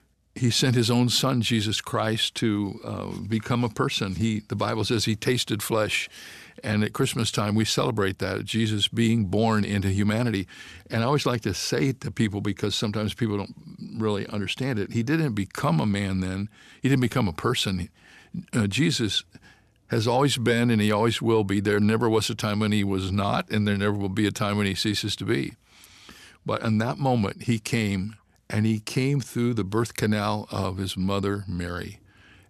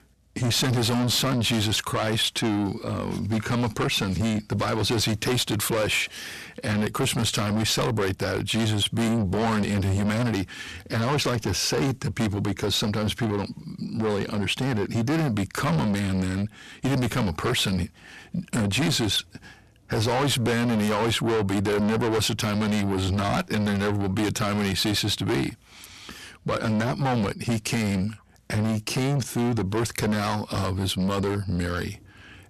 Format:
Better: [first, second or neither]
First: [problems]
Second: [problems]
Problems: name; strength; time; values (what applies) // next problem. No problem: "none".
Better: first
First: none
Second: distortion; heavy; 6 dB below the speech